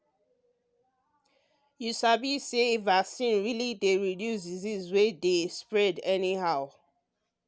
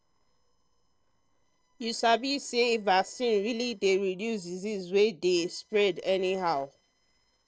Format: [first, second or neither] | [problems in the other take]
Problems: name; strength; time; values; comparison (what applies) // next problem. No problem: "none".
first | noise reduction (neural separator model SepFormer DNS4)